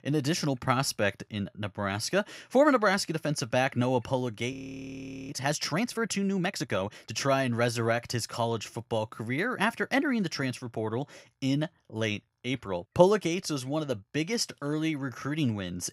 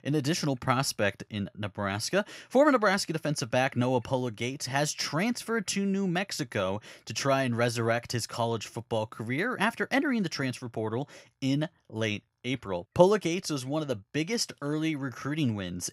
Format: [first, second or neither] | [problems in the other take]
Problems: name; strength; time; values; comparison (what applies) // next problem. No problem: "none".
second | audio freezing; at 4.5 s for 1 s